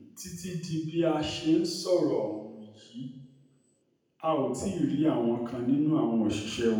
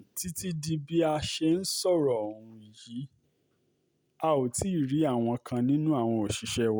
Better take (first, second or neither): second